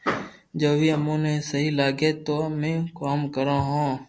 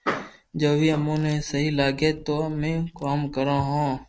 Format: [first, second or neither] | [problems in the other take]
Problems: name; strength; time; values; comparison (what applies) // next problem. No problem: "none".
first | noise reduction (neural mask model RNNoise)